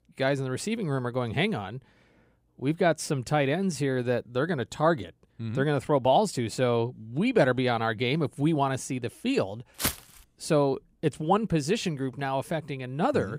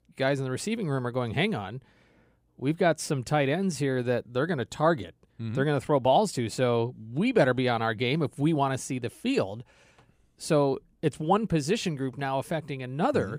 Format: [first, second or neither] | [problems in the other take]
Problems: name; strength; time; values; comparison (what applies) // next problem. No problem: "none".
second | footsteps; noticeable; at 10 s; peak 2 dB below the speech